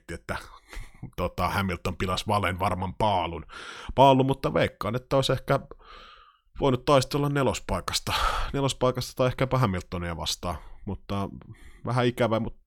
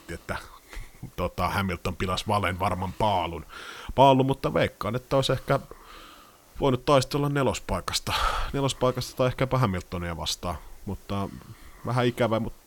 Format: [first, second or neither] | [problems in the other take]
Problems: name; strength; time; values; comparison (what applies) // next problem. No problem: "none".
first | hiss; faint; throughout; 25 dB below the speech